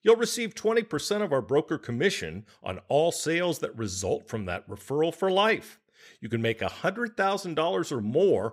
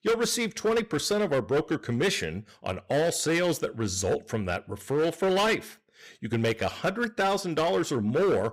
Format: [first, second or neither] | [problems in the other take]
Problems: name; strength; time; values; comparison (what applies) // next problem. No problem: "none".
first | distortion; heavy; 13% of the sound clipped